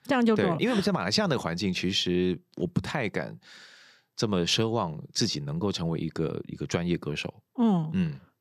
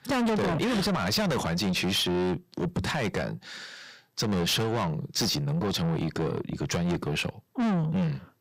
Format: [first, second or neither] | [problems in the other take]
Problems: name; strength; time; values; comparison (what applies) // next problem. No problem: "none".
first | distortion; heavy; 6 dB below the speech